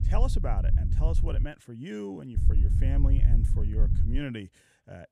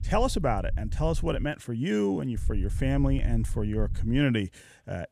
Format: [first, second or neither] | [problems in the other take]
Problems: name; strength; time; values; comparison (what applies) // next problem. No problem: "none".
second | low rumble; loud; until 1.5 s and from 2.5 to 4 s; 5 dB below the speech; faint in the second